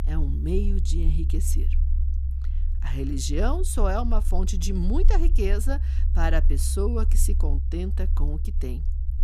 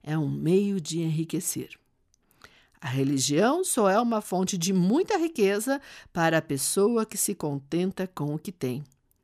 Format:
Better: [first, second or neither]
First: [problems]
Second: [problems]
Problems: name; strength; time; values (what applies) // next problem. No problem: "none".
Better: second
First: low rumble; noticeable; throughout; 15 dB below the speech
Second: none